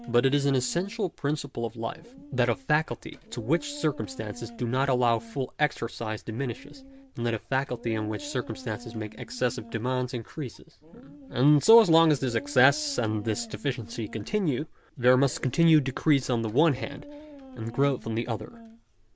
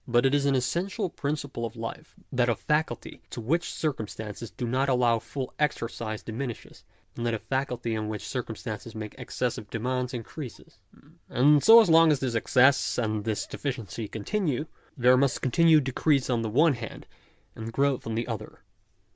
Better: second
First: background sound (Dog); 19 dB below the speech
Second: none

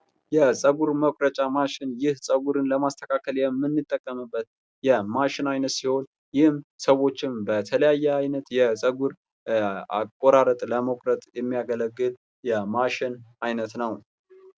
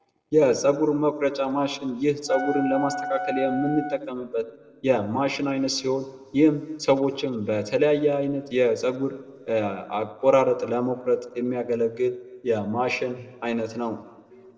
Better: first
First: none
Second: background sound (Wind instrument, woodwind instrument); 7 dB below the speech // room echo; dies away in 1.3 s

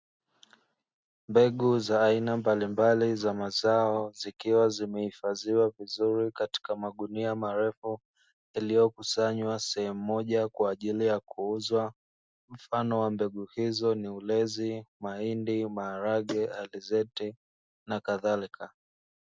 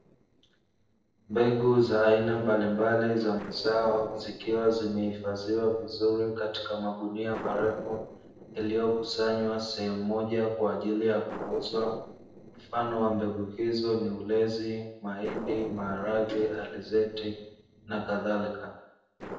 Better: first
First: none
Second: noise reduction (neural separator model SepFormer DNS4)

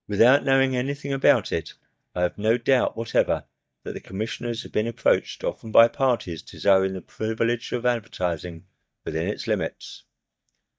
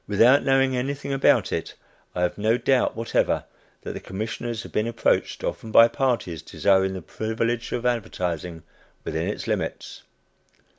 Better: second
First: noise reduction (neural mask model DeepFilterNet 3)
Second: none

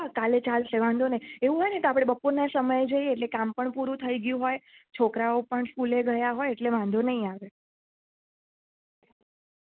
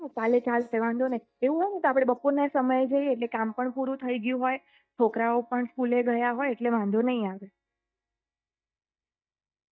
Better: first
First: none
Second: noise reduction (neural mask model DeepFilterNet 3)

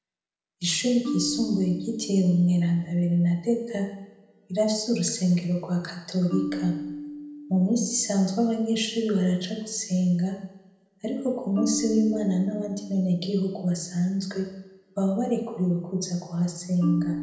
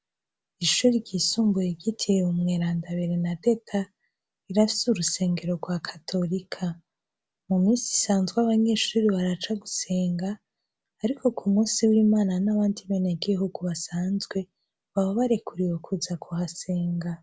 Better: second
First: background sound (Marimba, xylophone); 12 dB below the speech // room echo; dies away in 0.8 s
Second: none

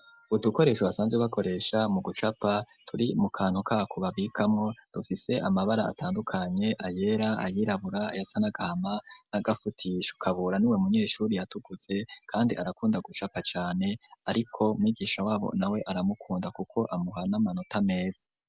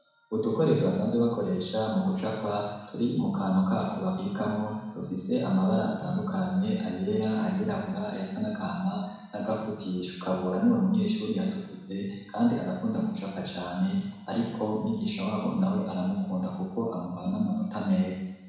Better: first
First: none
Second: room echo; dies away in 1.1 s

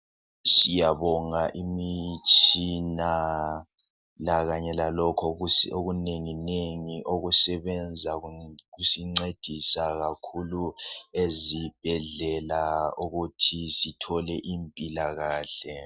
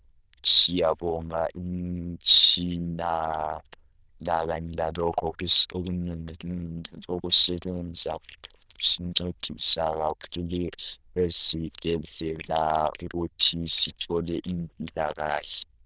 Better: first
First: none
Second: noise reduction (neural diffusion model UNIVERSE++)

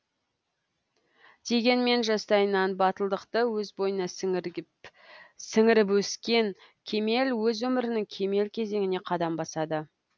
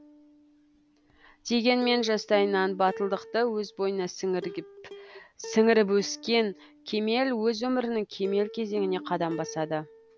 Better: first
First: none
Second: background sound (Plucked string instrument); 17 dB below the speech

